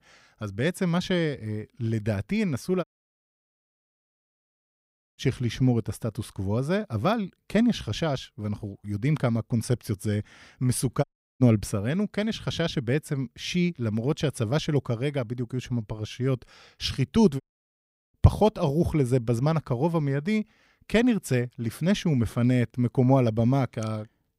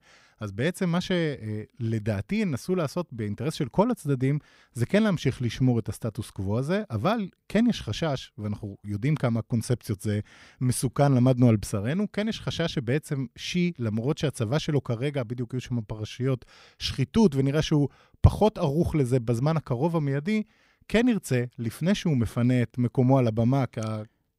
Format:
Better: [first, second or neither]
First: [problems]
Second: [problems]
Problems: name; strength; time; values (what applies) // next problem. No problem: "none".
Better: second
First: audio cutting out; at 3 s for 2.5 s, at 11 s and at 17 s for 0.5 s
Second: none